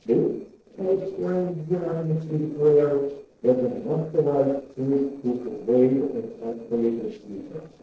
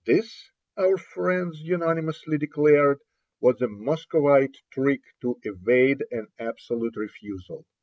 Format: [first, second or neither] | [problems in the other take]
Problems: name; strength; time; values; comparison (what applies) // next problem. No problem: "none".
second | noise reduction (neural separator model SepFormer DNS4)